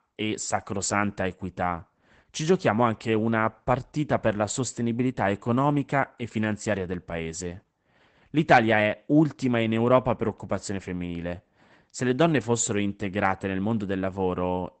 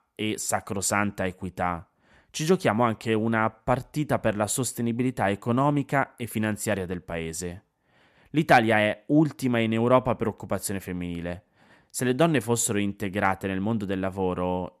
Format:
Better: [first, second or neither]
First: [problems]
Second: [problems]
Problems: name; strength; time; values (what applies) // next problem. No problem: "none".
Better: second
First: garbled, watery; badly; nothing above 8 kHz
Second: none